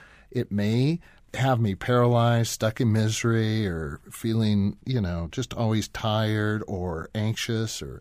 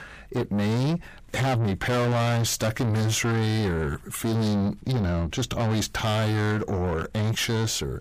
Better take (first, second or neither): first